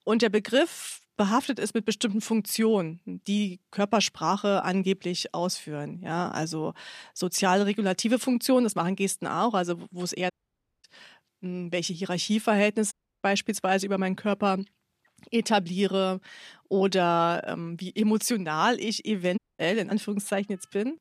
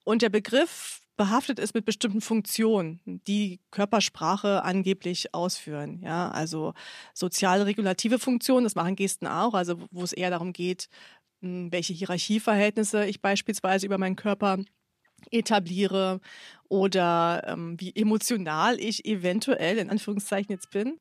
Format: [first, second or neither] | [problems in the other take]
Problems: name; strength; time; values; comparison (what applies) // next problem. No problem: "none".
second | audio cutting out; at 10 s for 0.5 s, at 13 s and at 19 s